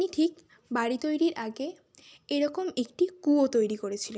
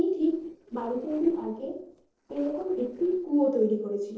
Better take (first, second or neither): first